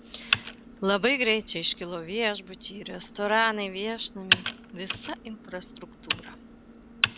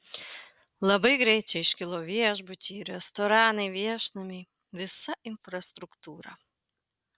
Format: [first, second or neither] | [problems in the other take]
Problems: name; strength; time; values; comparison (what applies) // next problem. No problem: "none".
second | background sound (Computer keyboard); 4 dB below the speech